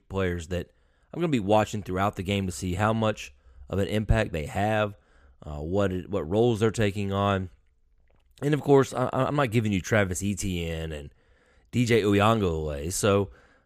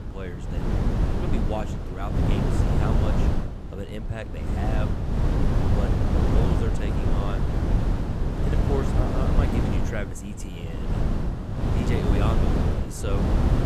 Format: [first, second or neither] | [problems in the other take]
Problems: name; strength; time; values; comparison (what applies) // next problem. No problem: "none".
first | wind noise on the microphone; heavy; 3 dB above the speech